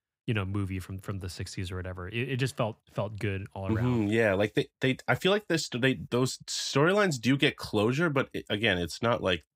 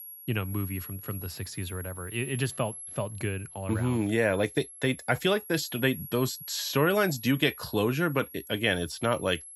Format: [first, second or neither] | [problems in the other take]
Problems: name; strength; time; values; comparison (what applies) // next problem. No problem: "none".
first | high-pitched whine; noticeable; throughout; 11.5 kHz, 10 dB below the speech